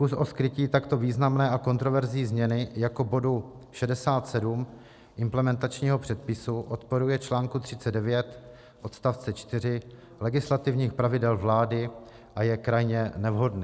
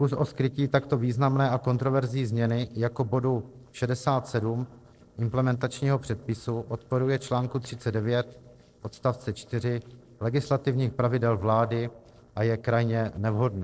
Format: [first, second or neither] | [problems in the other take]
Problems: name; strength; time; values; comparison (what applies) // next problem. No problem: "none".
first | noise reduction (neural separator model SepFormer DNS4)